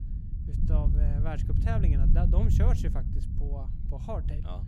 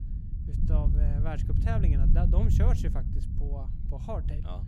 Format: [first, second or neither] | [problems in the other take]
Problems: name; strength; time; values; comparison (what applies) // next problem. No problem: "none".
neither | low rumble; loud; throughout; 3 dB below the speech; the same in both